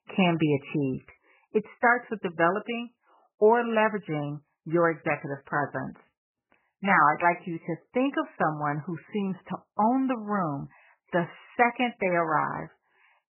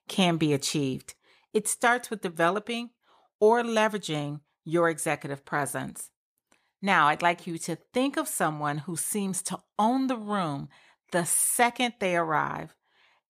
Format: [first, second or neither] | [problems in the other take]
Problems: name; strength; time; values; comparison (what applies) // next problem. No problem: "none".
second | garbled, watery; badly; nothing above 3 kHz